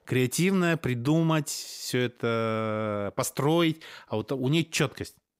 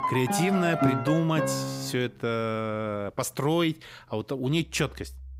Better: first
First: none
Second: background music; loud; throughout; 1 dB below the speech

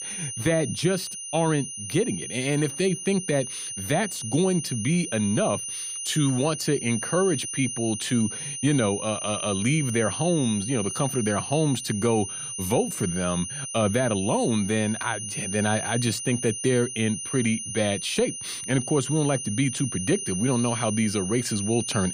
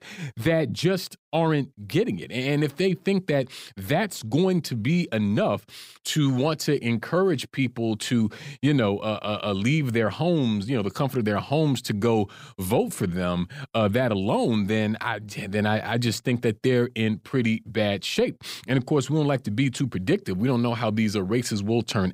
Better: second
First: high-pitched whine; loud; throughout; 9.5 kHz, 5 dB below the speech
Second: none

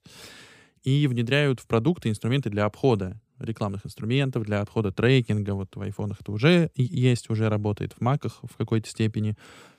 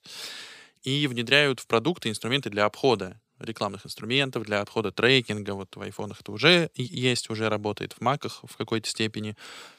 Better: first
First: none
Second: thin; somewhat; fading below 650 Hz

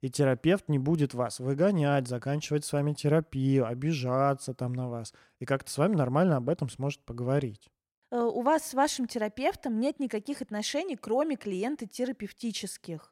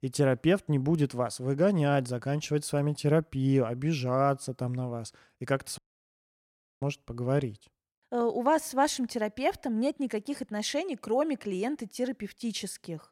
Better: first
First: none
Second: audio cutting out; at 6 s for 1 s

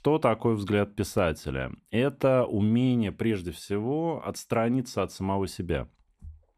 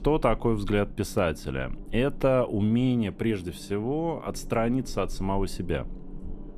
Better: first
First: none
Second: low rumble; faint; throughout; 25 dB below the speech

